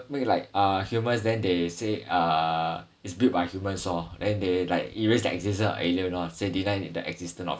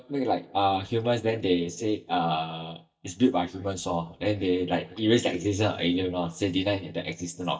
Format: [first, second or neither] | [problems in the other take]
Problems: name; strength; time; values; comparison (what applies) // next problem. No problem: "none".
first | noise reduction (neural mask model DeepFilterNet 3)